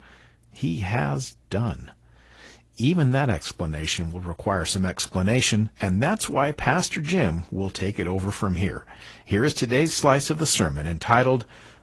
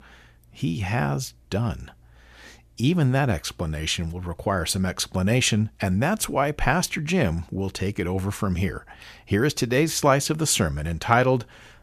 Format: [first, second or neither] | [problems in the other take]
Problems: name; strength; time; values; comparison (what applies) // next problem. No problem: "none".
second | garbled, watery; slightly; nothing above 11.5 kHz